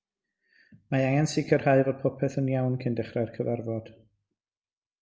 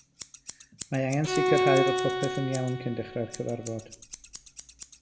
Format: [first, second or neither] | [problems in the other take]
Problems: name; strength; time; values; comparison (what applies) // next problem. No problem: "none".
first | background sound (Bowed string instrument + Scissors); as loud as the speech